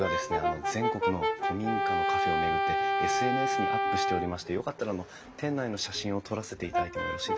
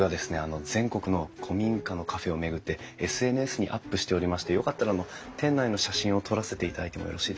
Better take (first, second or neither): second